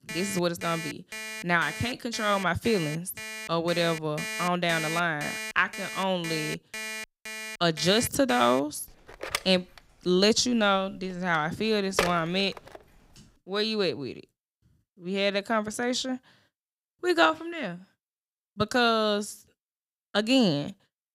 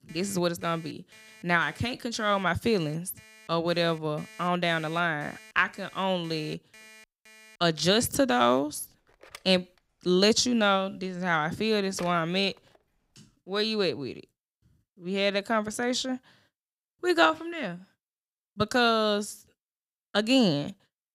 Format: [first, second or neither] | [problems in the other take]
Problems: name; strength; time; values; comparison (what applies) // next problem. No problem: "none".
second | alarms or sirens; loud; until 14 s; 8 dB below the speech; faint in the second